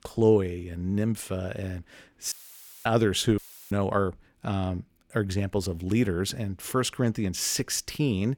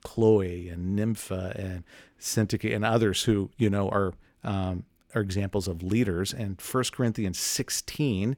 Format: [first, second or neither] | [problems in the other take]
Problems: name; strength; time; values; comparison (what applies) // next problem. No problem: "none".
second | audio cutting out; filled with static; at 2.5 s for 0.5 s and at 3.5 s